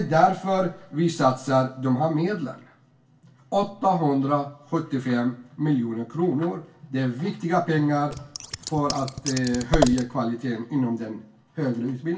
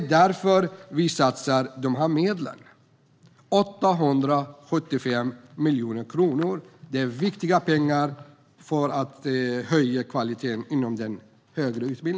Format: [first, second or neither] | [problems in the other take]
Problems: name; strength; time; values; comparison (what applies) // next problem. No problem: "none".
second | background sound (Scissors); 4 dB below the speech // room echo; dies away in 0.2 s